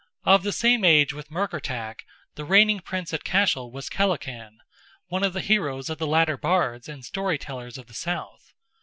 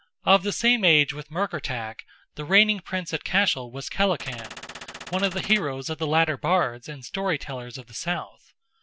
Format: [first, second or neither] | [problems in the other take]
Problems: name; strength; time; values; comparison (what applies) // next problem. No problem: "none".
first | background sound (Gunshot, gunfire); 13 dB below the speech